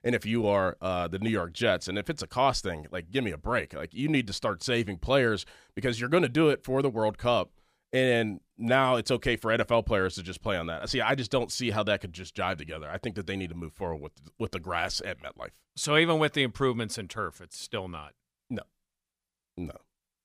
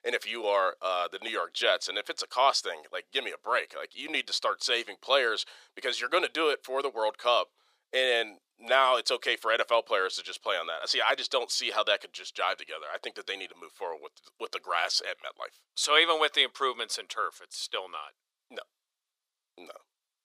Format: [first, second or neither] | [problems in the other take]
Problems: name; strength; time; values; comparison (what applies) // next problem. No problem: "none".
first | thin; very; fading below 450 Hz